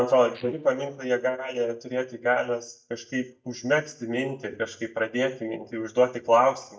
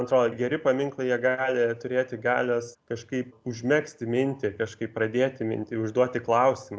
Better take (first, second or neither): second